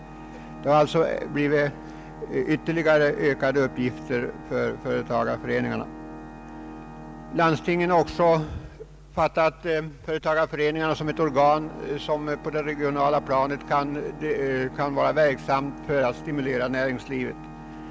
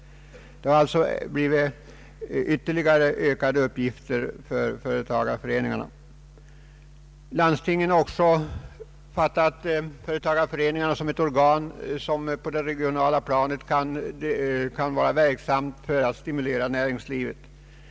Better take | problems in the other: second | background sound (Organ); 16 dB below the speech

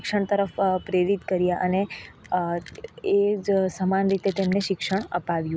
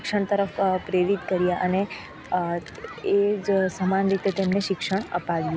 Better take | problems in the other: first | background sound (Human group actions); 16 dB below the speech

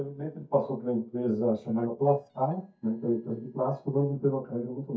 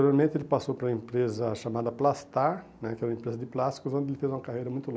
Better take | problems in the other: second | noise reduction (neural mask model DeepFilterNet 3)

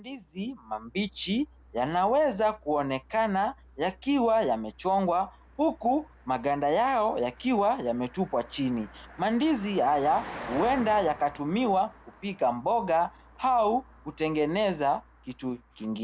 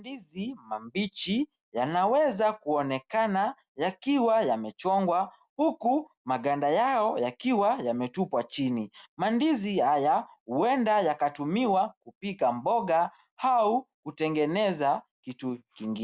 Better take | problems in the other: second | background sound (Car passing by); 20 dB below the speech

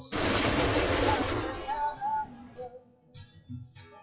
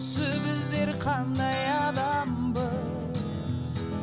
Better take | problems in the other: second | noise reduction (classical method WPE with log-MMSE)

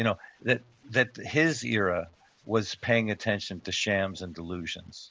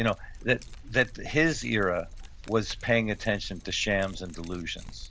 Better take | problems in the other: first | background sound (Keys jangling); 12 dB below the speech

